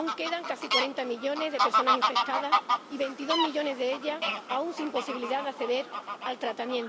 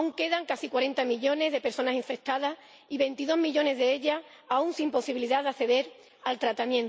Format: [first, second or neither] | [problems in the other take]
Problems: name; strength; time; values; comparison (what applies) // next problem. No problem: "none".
second | background sound (Fowl); 1 dB above the speech